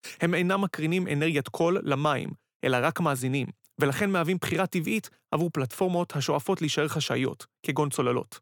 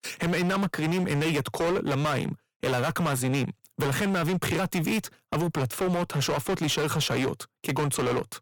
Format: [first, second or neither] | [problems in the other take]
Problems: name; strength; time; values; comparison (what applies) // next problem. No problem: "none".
first | distortion; heavy; 25% of the sound clipped